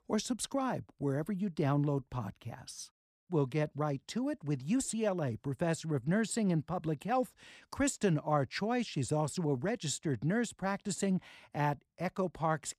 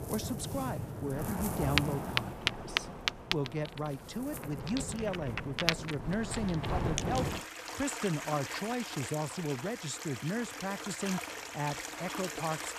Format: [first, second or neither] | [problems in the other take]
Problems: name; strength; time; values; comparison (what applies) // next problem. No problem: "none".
first | rain or running water; very loud; throughout; as loud as the speech